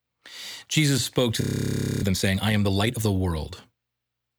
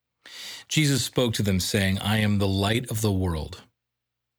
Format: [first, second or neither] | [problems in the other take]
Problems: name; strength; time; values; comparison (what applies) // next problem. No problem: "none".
second | audio freezing; at 1.5 s for 0.5 s